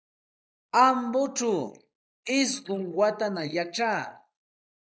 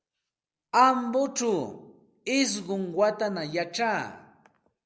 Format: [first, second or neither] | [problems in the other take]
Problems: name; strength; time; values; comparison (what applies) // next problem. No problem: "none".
second | noise reduction (neural mask model Resemble Enhance denoiser)